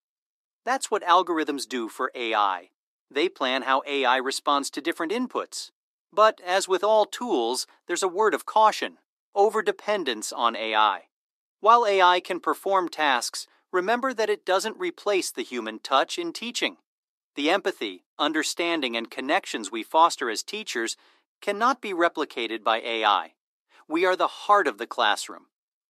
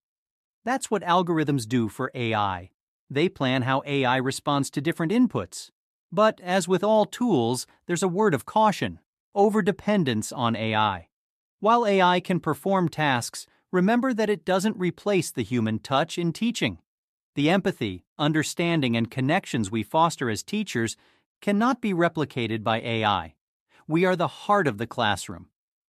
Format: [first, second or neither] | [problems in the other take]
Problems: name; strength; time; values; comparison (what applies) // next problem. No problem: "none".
second | thin; somewhat; fading below 300 Hz